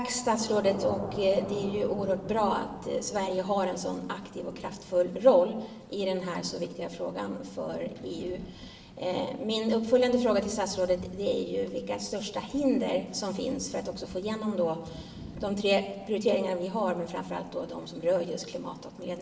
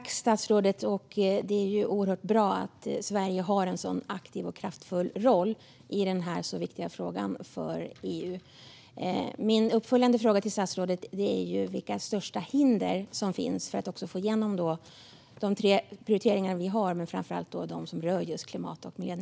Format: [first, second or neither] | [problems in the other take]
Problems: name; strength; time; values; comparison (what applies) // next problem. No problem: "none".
second | background sound (Thunder / Rain); 16 dB below the speech // room echo; dies away in 1.1 s